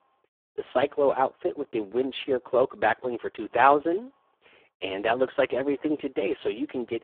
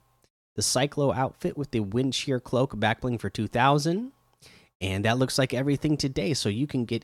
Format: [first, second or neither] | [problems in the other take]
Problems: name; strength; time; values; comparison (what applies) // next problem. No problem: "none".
second | phone-call audio; poor line; nothing above 3.5 kHz